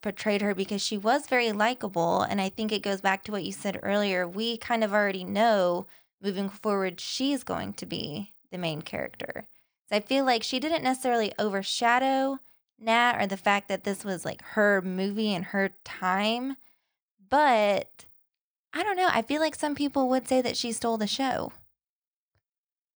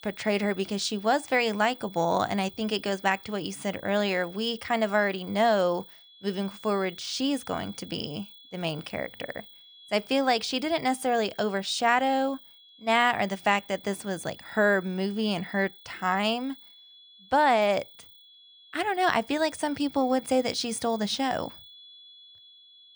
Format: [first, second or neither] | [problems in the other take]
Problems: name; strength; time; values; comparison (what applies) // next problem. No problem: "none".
first | high-pitched whine; faint; throughout; 3.5 kHz, 25 dB below the speech